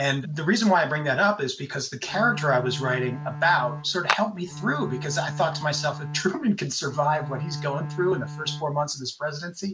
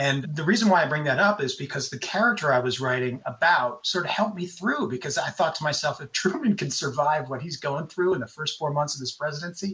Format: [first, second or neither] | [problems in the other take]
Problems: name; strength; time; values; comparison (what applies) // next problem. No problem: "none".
second | background sound (Clapping + Bowed string instrument); 8 dB below the speech